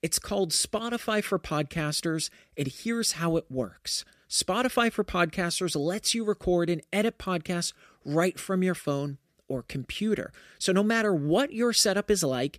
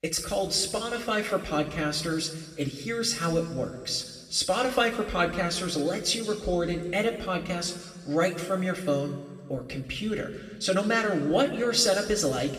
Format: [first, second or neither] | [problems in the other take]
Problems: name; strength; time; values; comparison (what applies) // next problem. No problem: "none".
first | room echo; noticeable; dies away in 1.5 s // off-mic speech; somewhat distant